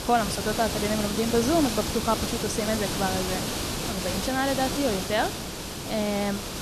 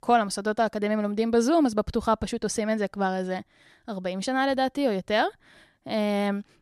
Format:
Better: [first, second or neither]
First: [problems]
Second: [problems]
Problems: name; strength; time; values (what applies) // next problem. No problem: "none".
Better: second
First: hiss; loud; throughout; 2 dB below the speech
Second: none